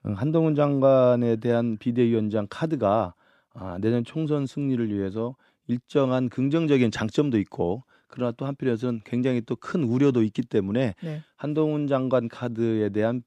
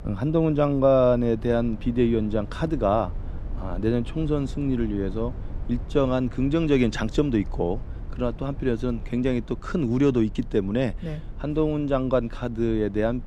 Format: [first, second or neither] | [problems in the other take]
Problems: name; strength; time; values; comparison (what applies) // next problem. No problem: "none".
first | low rumble; faint; throughout; 25 dB below the speech